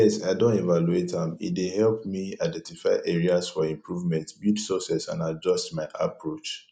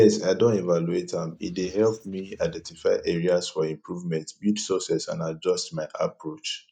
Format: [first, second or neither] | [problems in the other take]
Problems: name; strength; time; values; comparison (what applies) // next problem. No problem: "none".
first | noise reduction (neural mask model DeepFilterNet 3)